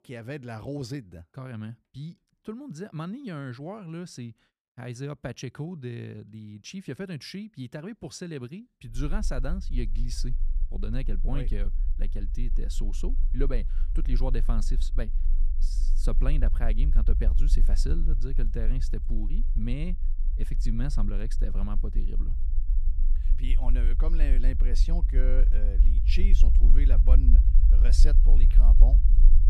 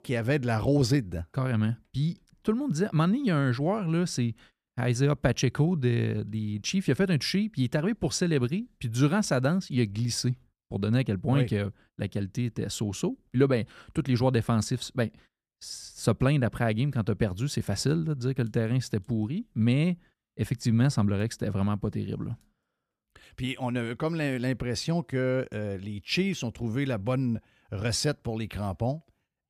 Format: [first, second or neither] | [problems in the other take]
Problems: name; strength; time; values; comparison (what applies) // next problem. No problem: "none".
second | low rumble; noticeable; from 9 s on; 10 dB below the speech